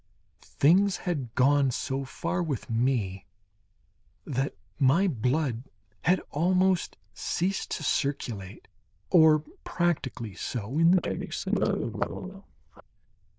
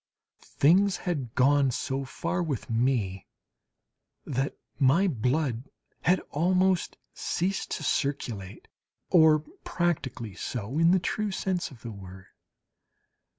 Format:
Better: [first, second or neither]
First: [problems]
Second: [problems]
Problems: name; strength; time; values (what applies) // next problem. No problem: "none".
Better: second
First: noise reduction (neural diffusion model UNIVERSE++)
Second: none